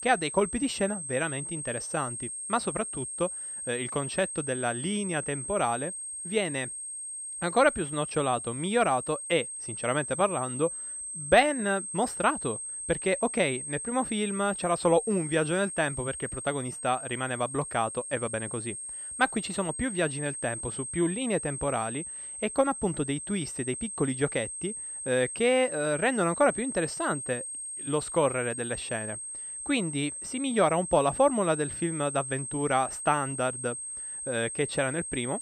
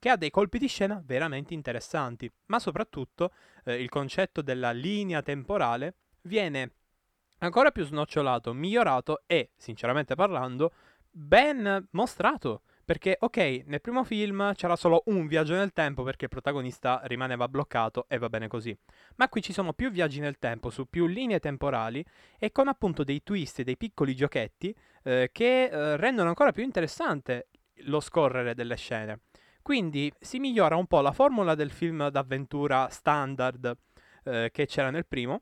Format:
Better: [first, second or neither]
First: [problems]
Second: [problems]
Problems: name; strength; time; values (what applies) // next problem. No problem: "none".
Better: second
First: high-pitched whine; loud; throughout; 8.5 kHz, 6 dB below the speech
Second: none